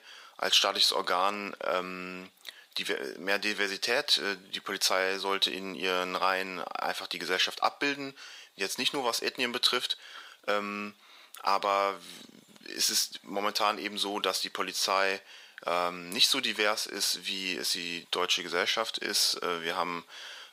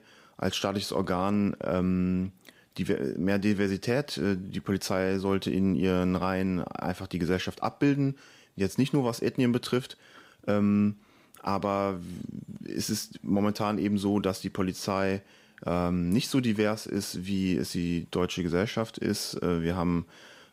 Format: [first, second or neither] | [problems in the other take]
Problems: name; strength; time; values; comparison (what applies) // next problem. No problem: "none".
second | thin; very; fading below 750 Hz